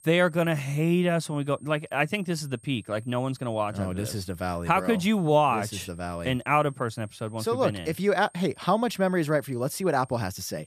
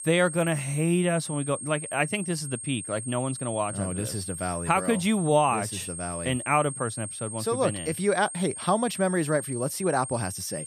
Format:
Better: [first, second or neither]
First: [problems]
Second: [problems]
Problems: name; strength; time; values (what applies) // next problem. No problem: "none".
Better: first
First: high-pitched whine; faint; throughout; 8.5 kHz, 30 dB below the speech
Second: high-pitched whine; loud; throughout; 8.5 kHz, 8 dB below the speech